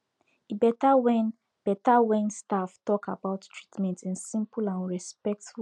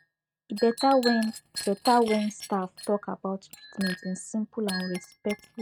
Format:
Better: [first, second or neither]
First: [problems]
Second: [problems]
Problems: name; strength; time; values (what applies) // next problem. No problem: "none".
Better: first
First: none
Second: noise reduction (neural mask model RNNoise)